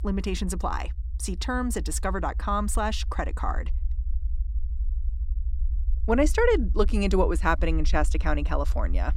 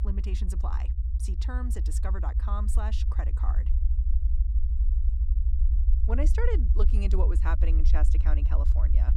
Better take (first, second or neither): first